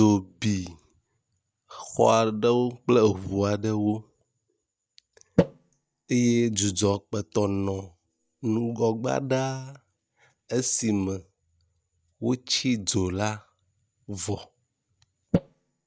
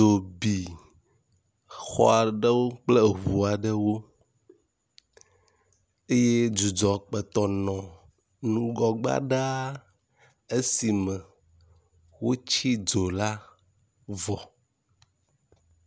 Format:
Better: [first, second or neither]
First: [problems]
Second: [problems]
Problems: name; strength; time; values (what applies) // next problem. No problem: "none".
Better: second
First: noise reduction (neural mask model DeepFilterNet 3)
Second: none